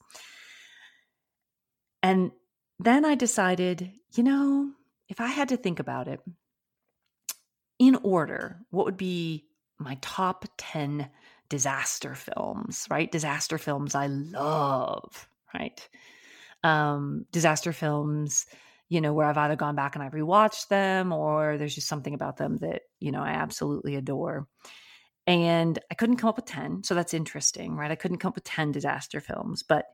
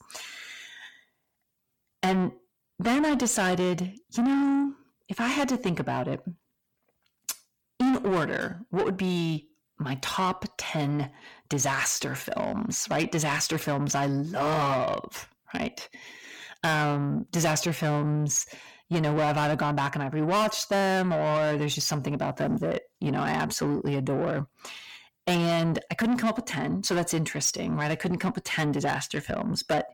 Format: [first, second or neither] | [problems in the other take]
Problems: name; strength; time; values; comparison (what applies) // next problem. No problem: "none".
first | distortion; heavy; 6 dB below the speech